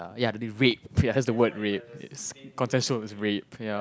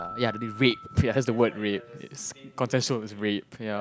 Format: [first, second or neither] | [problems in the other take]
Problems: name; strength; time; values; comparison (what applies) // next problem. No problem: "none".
first | background sound (Keyboard (musical)); 18 dB below the speech